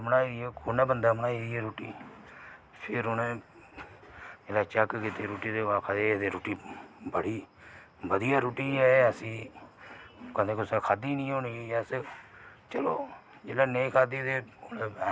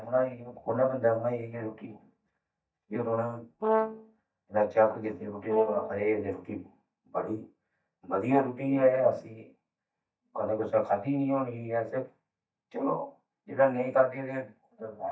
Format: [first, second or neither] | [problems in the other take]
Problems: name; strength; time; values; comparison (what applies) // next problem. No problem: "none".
first | noise reduction (neural mask model DeepFilterNet 3)